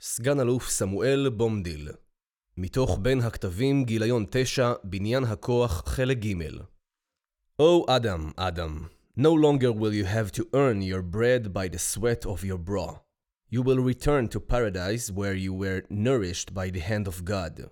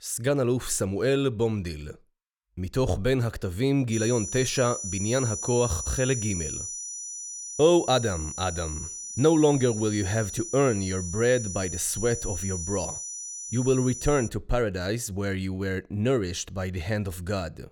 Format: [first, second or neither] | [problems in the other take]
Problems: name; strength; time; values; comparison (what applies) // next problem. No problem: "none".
first | high-pitched whine; loud; from 4 to 14 s; 6 kHz, 7 dB below the speech